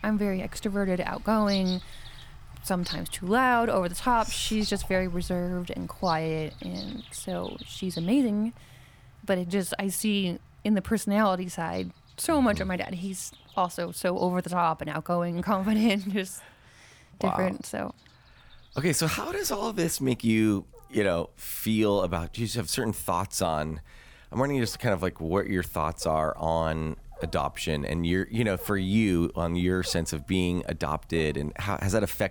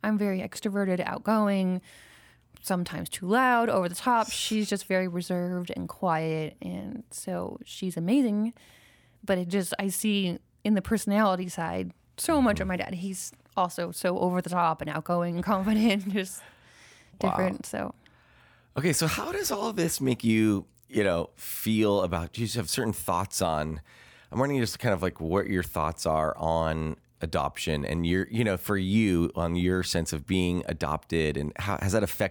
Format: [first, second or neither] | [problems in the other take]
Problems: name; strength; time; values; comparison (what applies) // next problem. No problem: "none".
second | animal sounds; noticeable; throughout; 20 dB below the speech